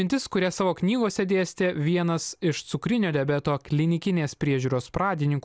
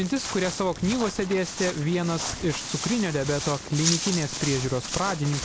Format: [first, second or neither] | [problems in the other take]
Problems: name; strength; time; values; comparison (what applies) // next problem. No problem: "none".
first | background sound (Walk, footsteps); 6 dB below the speech